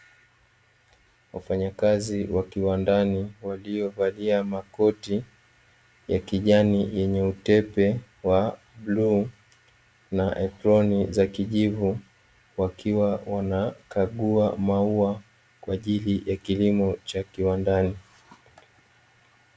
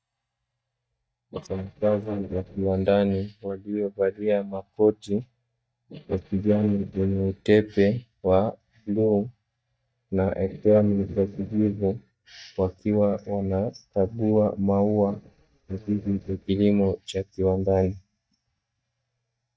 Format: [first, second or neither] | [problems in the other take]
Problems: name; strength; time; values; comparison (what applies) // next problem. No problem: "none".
first | noise reduction (neural mask model DeepFilterNet 3)